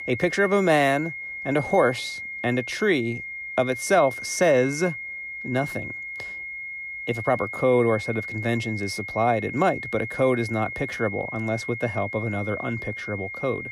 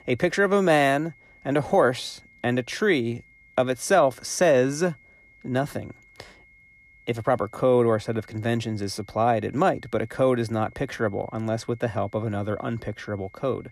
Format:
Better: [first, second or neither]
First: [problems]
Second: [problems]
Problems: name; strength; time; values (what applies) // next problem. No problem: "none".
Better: second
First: high-pitched whine; loud; throughout; 2 kHz, 8 dB below the speech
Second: high-pitched whine; faint; throughout; 2 kHz, 30 dB below the speech